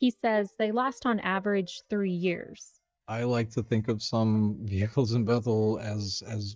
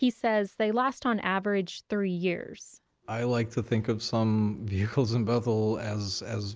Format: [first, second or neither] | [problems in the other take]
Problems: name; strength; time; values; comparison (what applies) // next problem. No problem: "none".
second | noise reduction (neural mask model DeepFilterNet 3)